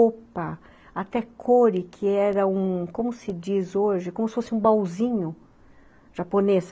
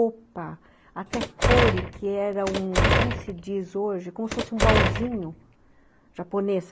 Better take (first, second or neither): first